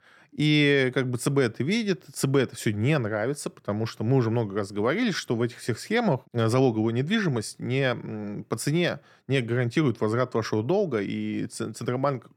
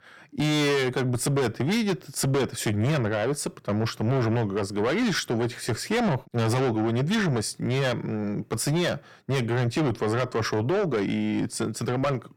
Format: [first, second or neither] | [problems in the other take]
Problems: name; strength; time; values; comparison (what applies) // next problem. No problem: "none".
first | distortion; heavy; 6 dB below the speech